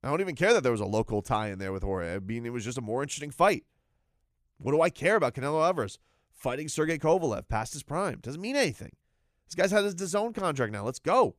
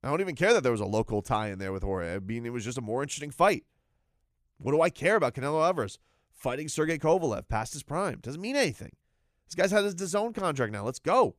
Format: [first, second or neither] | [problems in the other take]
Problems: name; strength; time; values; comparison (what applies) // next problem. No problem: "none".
neither | none